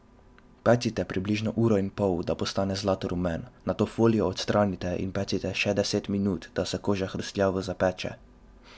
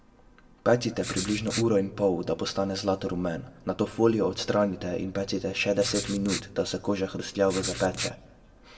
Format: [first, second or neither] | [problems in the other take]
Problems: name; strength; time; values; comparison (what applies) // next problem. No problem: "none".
first | background sound (Writing); 8 dB below the speech // room echo; dies away in 0.6 s